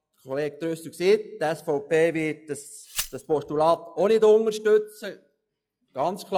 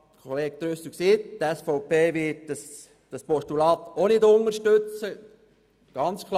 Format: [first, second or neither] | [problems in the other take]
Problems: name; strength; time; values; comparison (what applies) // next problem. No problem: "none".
second | noise reduction (classical method log-MMSE)